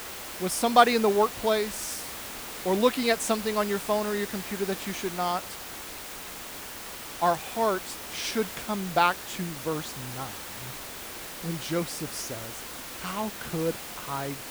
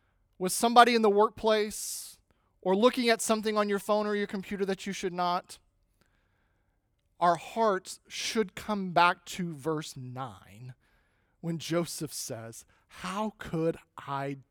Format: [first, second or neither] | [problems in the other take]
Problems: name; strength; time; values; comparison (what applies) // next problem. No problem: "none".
second | hiss; loud; throughout; 9 dB below the speech